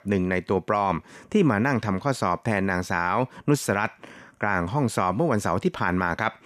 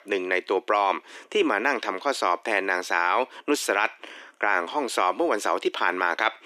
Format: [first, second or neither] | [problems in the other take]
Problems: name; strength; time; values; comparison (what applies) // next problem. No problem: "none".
first | thin; somewhat; fading below 300 Hz